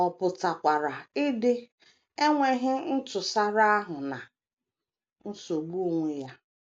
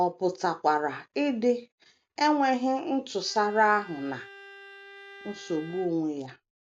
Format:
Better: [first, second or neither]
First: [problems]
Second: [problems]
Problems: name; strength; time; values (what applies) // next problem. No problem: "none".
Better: first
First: none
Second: background sound (Bowed string instrument); 20 dB below the speech